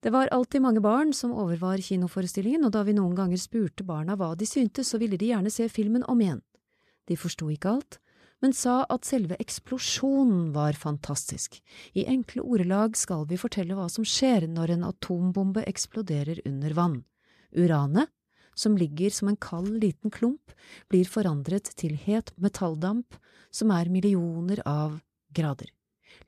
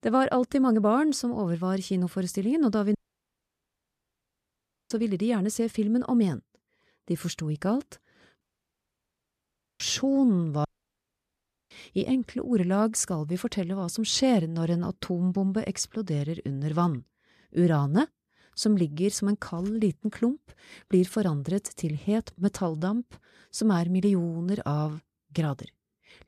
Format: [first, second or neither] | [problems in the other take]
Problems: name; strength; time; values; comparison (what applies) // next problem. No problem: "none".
first | audio cutting out; at 3 s for 2 s, at 8.5 s for 1.5 s and at 11 s for 1 s